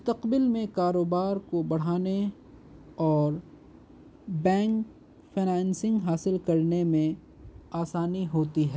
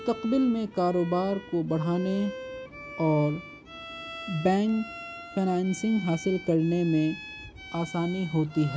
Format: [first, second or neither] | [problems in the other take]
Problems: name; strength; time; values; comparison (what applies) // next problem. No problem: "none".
first | background sound (Bowed string instrument); 14 dB below the speech